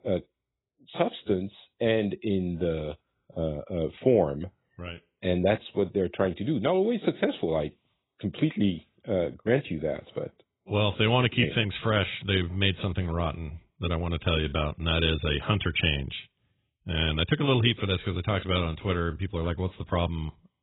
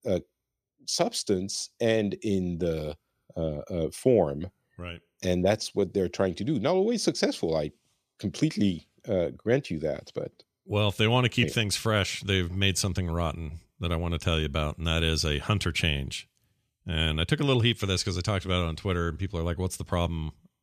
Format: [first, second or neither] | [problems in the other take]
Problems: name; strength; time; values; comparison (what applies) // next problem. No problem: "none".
second | garbled, watery; badly; nothing above 3.5 kHz